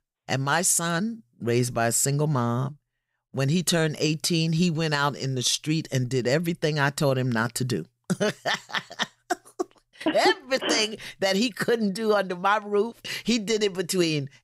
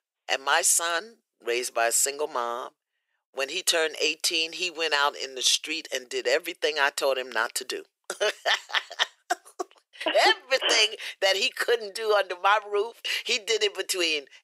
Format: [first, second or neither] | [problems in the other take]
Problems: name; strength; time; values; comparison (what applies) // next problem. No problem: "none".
first | thin; very; fading below 400 Hz